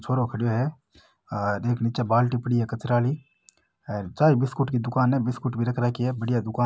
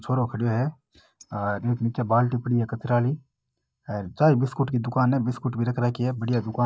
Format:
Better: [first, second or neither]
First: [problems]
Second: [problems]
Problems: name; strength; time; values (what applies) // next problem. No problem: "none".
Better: first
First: none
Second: noise reduction (neural mask model DeepFilterNet 3)